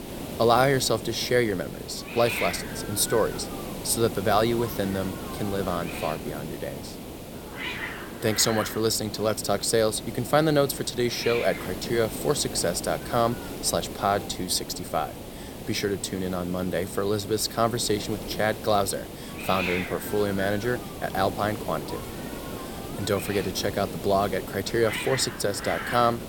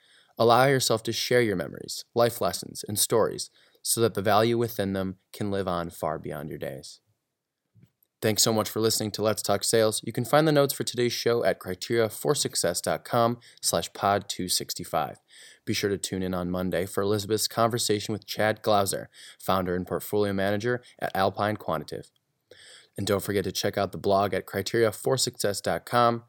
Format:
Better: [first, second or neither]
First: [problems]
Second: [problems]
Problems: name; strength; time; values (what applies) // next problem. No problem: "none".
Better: second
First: hiss; loud; throughout; 9 dB below the speech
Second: none